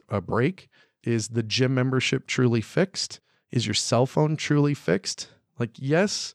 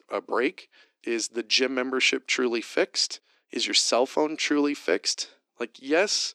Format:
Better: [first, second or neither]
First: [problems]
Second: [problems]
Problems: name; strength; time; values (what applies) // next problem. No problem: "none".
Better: first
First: none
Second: thin; somewhat; fading below 300 Hz